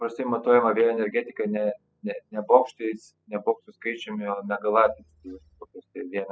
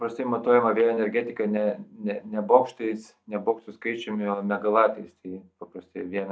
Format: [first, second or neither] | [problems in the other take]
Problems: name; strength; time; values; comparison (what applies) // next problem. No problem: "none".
second | noise reduction (classical method spectral subtraction)